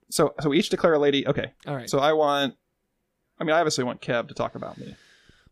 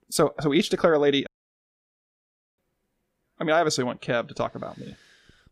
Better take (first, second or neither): first